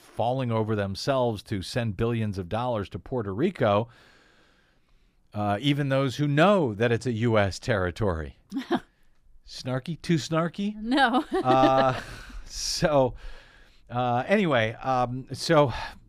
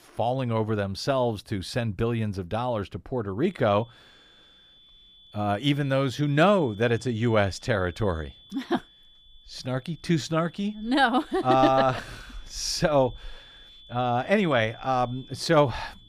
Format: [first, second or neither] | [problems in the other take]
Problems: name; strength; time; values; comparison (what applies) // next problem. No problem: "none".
first | high-pitched whine; faint; from 3.5 s on; 3.5 kHz, 25 dB below the speech